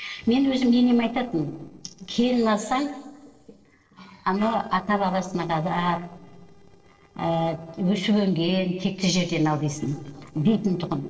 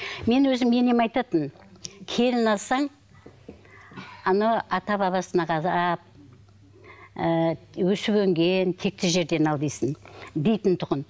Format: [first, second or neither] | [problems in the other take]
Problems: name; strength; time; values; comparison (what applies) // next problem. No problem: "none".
second | noise reduction (neural separator model SepFormer DNS4)